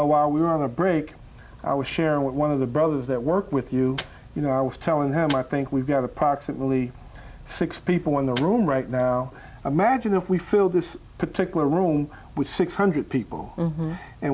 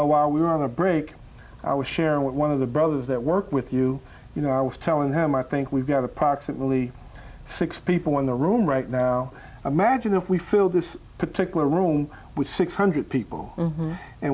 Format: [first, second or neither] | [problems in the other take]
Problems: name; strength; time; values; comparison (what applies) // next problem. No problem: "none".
second | background sound (Microwave oven); 19 dB below the speech